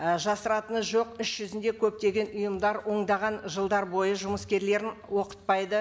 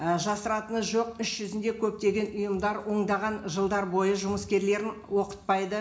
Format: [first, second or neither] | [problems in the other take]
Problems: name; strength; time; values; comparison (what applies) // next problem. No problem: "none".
first | room echo; dies away in 0.4 s